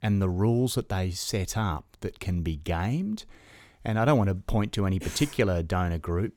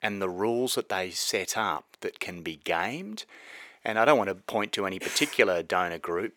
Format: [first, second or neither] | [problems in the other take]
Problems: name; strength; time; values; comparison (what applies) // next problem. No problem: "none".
first | thin; very; fading below 450 Hz